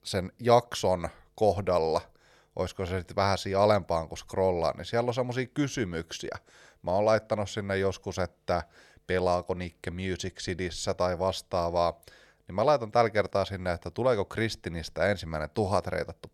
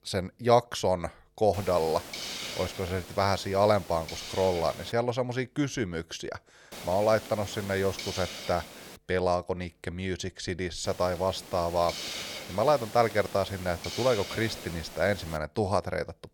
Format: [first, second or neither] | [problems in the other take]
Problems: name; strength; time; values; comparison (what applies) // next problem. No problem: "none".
first | hiss; noticeable; from 1.5 to 5 s, from 6.5 to 9 s and from 11 to 15 s; 10 dB below the speech